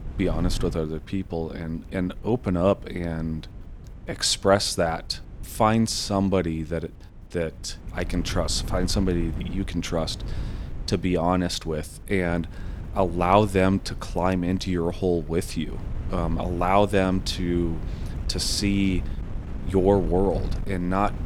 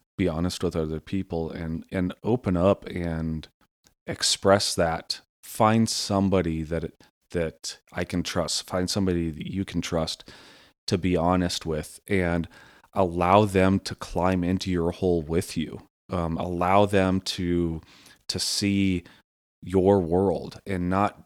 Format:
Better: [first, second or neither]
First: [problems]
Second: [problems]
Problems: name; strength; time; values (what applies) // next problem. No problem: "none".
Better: second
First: wind noise on the microphone; occasional gusts; 20 dB below the speech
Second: none